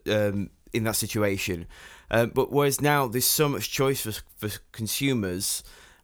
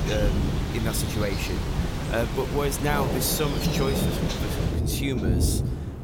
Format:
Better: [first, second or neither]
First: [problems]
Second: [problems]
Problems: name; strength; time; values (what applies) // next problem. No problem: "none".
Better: first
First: none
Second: rain or running water; very loud; throughout; 2 dB above the speech